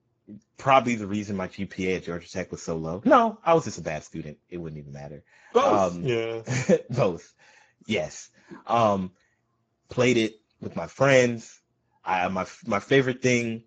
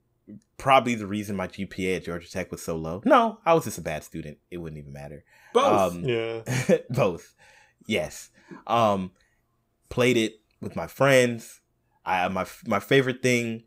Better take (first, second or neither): second